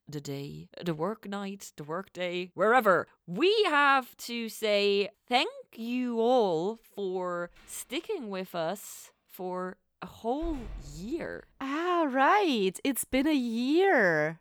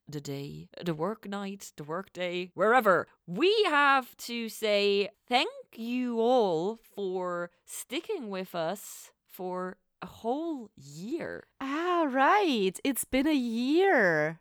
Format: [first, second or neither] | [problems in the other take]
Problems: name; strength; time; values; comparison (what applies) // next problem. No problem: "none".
second | door banging; faint; at 10 s; peak 15 dB below the speech